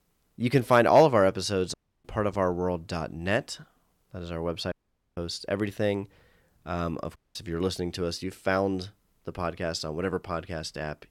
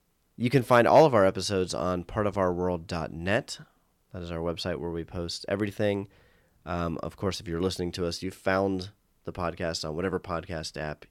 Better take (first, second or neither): second